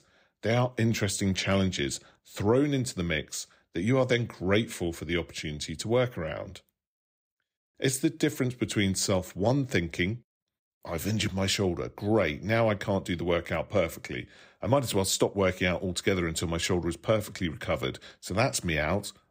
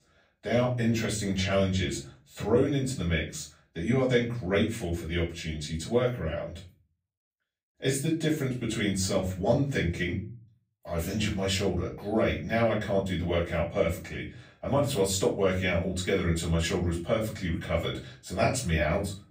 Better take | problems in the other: first | off-mic speech; far // room echo; slight; dies away in 0.3 s

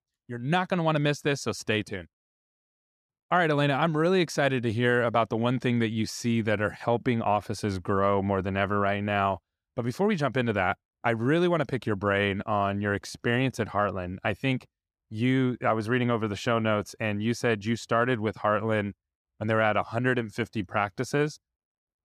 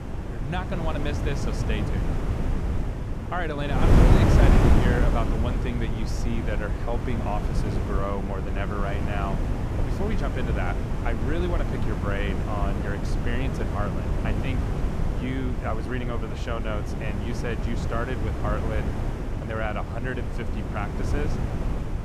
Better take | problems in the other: first | wind noise on the microphone; heavy; 1 dB below the speech

